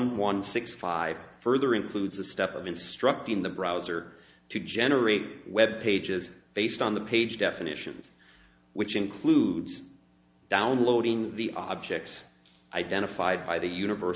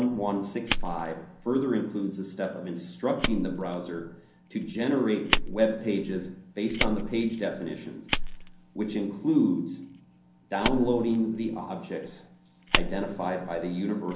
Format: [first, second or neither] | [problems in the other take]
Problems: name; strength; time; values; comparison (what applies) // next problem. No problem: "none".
first | background sound (Fire); 5 dB below the speech // room echo; dies away in 0.6 s